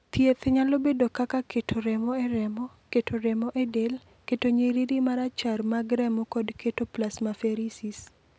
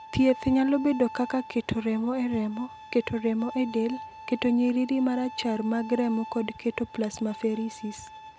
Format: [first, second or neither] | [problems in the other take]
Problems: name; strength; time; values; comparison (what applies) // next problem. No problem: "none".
first | background sound (Bowed string instrument); 16 dB below the speech